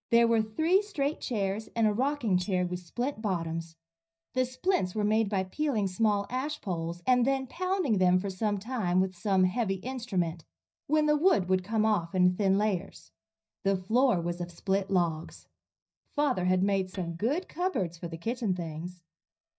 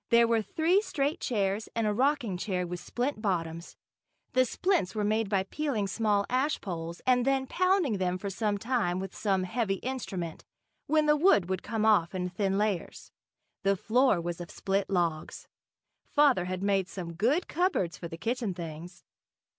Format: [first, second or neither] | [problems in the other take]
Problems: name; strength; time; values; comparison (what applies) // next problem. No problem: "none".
second | noise reduction (neural mask model DeepFilterNet 3)